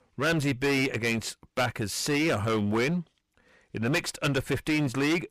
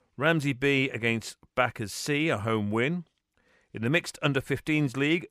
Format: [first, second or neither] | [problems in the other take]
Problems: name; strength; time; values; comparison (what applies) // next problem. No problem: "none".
second | distortion; heavy; 14% of the sound clipped